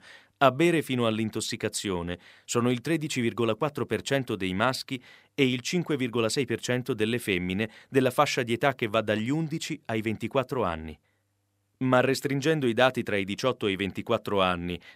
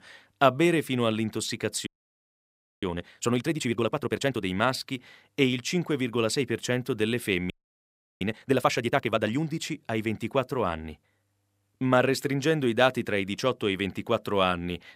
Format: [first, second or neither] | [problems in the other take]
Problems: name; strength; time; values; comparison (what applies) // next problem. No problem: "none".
first | audio freezing; at 2 s for 1 s and at 7.5 s for 0.5 s